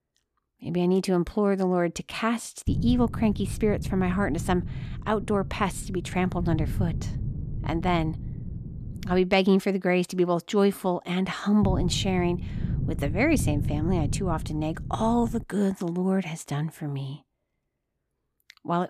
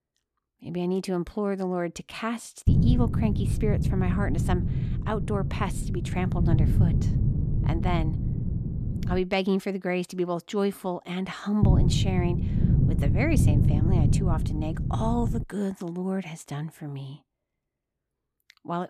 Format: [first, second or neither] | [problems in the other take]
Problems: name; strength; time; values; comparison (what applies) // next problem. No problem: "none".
first | wind noise on the microphone; heavy; from 2.5 to 9 s and from 12 to 15 s; 4 dB below the speech; occasional gusts in the first